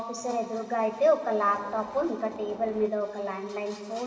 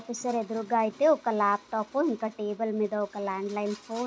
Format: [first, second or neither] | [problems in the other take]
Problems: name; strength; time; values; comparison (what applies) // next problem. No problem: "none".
second | background sound (Train); 16 dB below the speech // room echo; dies away in 2.3 s